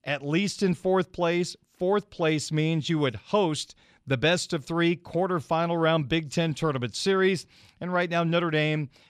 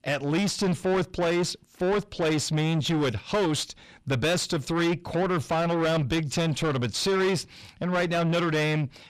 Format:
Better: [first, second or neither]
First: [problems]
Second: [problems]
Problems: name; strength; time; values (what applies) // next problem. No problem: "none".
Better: first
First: none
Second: distortion; heavy; 7 dB below the speech